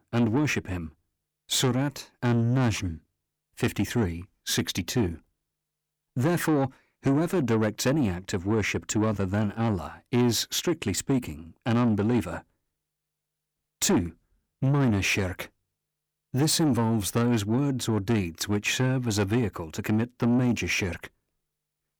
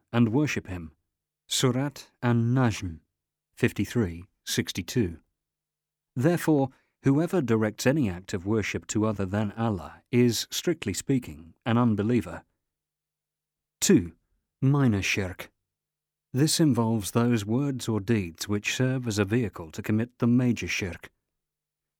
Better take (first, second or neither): second